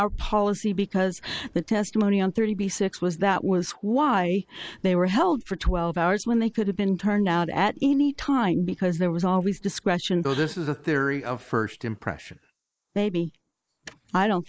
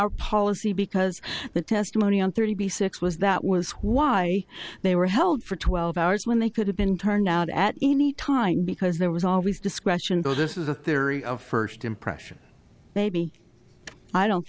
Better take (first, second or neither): second